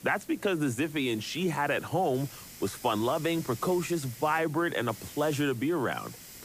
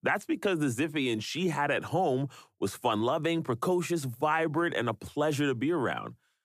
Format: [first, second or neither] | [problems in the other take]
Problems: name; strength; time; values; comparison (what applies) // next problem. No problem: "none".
second | hiss; noticeable; throughout; 15 dB below the speech